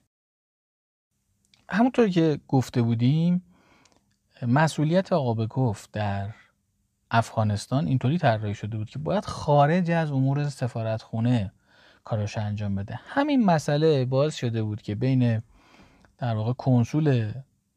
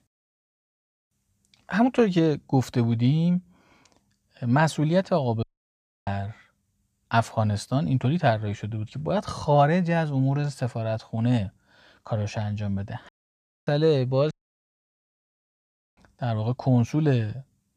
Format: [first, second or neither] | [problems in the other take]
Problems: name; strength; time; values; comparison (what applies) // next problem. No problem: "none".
first | audio cutting out; at 5.5 s for 0.5 s, at 13 s for 0.5 s and at 14 s for 1.5 s